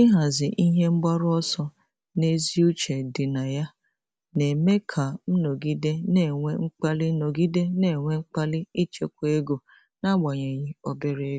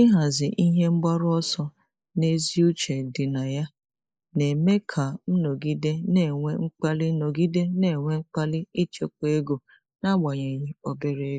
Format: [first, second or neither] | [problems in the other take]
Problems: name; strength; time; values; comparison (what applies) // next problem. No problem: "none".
first | noise reduction (neural mask model Resemble Enhance denoiser)